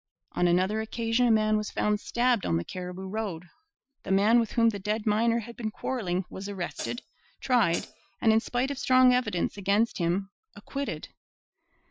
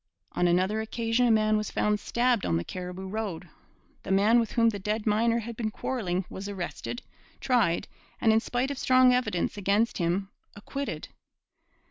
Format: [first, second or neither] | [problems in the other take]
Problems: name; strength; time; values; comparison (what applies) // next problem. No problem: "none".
second | noise reduction (classical method Wiener filter)